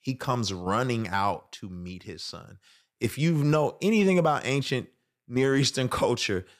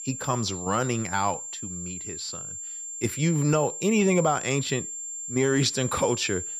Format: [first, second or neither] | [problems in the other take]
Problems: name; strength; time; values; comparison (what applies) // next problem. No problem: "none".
first | high-pitched whine; loud; throughout; 7.5 kHz, 7 dB below the speech